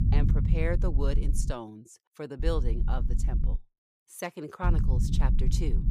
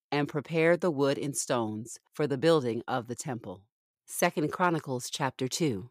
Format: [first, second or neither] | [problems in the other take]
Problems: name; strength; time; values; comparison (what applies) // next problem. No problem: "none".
second | low rumble; loud; until 1.5 s, from 2.5 to 3.5 s and from 4.5 s on; 7 dB below the speech